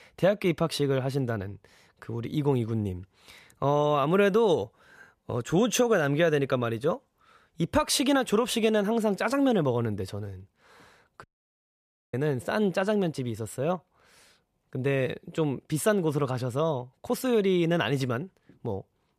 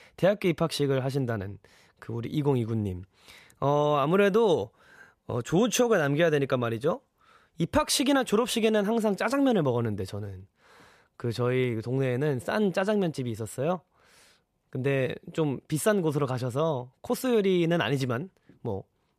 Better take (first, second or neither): second